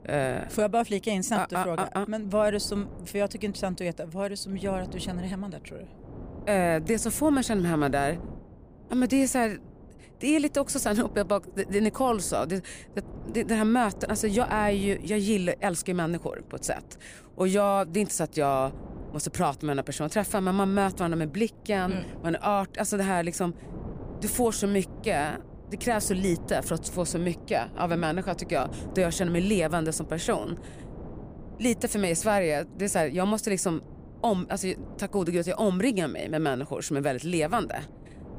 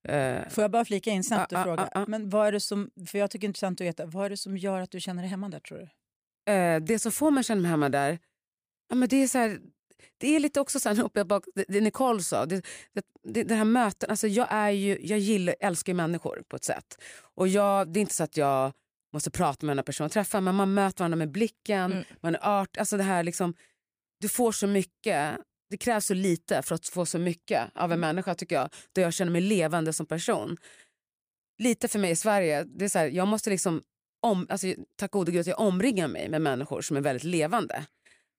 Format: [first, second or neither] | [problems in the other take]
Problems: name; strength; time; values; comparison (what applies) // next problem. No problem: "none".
second | wind noise on the microphone; occasional gusts; 20 dB below the speech